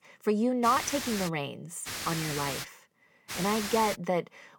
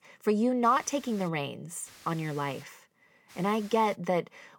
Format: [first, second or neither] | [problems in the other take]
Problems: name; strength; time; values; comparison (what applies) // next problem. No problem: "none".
second | hiss; loud; at 0.5 s, at 2 s and at 3.5 s; 6 dB below the speech; faint in the second